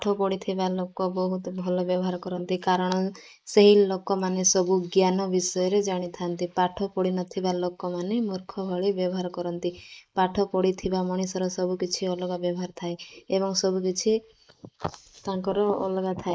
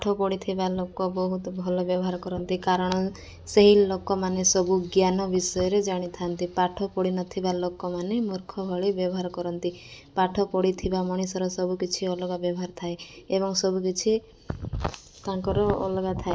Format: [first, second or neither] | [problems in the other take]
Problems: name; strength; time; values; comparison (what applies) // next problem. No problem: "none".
second | noise reduction (neural mask model Resemble Enhance denoiser)